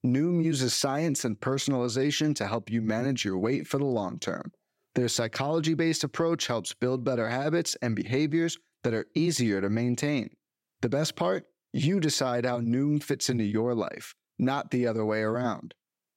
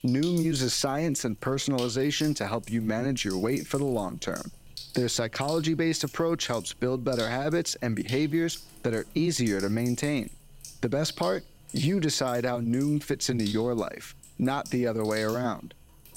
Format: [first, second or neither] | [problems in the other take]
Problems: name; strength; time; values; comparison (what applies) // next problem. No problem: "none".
first | household noises; noticeable; throughout; 15 dB below the speech